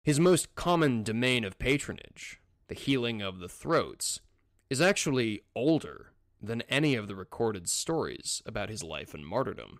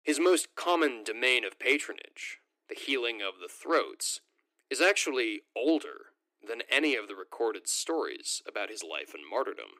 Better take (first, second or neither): first